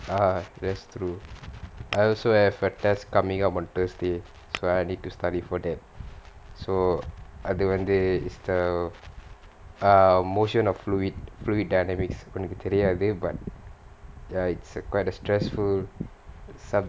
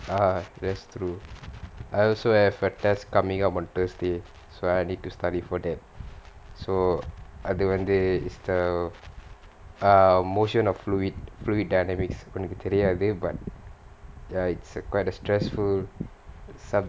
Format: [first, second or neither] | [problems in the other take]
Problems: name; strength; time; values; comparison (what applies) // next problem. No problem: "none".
second | background sound (Tap / Glass); 14 dB below the speech